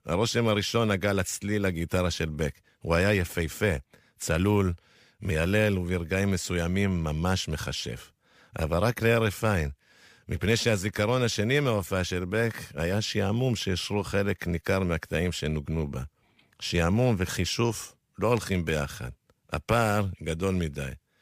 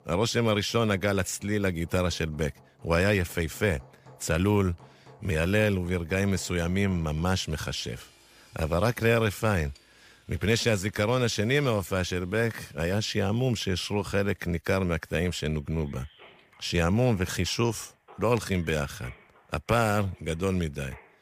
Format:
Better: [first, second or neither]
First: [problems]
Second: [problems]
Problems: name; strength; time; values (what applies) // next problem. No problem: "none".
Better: first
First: none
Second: machinery noise; faint; throughout; 30 dB below the speech